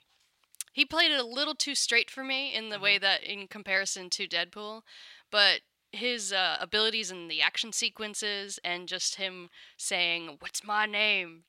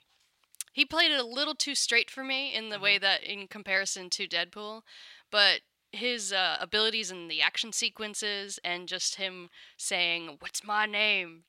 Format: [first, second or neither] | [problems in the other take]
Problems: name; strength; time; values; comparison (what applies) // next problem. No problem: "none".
neither | thin; somewhat; fading below 1 kHz; the same in both